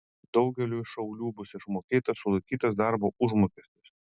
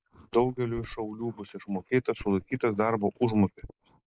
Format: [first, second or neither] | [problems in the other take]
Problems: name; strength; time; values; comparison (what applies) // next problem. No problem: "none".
first | noise reduction (neural mask model Resemble Enhance denoiser)